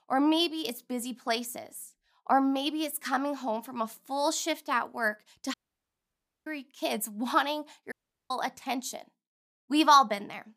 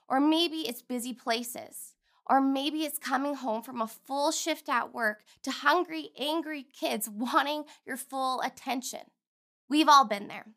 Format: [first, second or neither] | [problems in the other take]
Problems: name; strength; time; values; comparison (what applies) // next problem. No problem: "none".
second | audio cutting out; at 5.5 s for 1 s and at 8 s